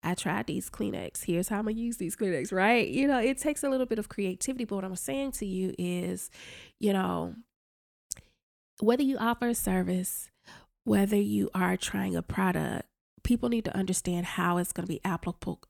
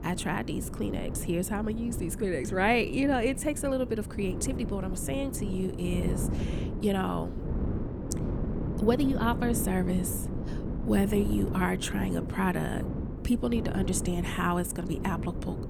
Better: first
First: none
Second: wind noise on the microphone; heavy; 10 dB below the speech

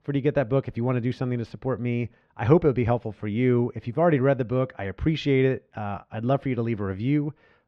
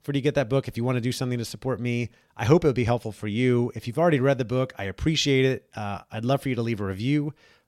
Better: second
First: muffled; very; fading above 2 kHz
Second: none

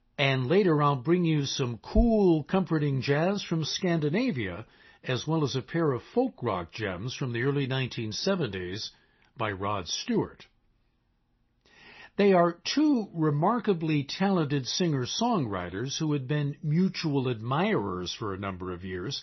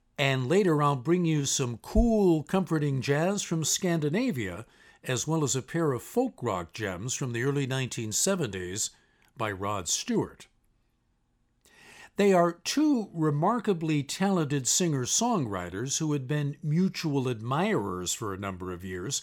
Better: second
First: garbled, watery; slightly; nothing above 6 kHz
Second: none

